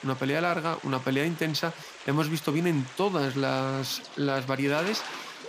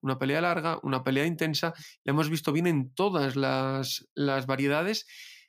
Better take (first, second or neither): second